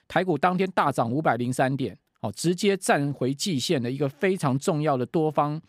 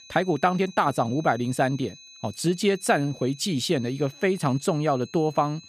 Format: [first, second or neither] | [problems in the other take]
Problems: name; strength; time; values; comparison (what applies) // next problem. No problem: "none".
first | high-pitched whine; faint; throughout; 4 kHz, 20 dB below the speech